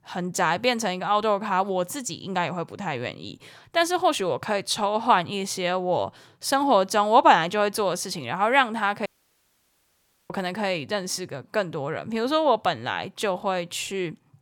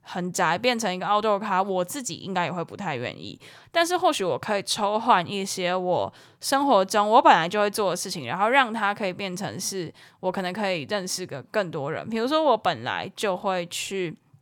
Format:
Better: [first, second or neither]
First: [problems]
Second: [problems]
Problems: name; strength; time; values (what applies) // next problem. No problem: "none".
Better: second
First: audio cutting out; at 9 s for 1 s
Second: none